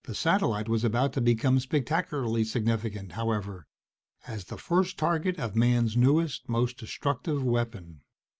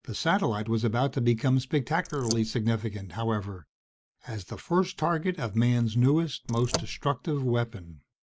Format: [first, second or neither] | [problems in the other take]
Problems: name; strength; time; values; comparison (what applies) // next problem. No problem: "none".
first | noise reduction (neural mask model Resemble Enhance denoiser)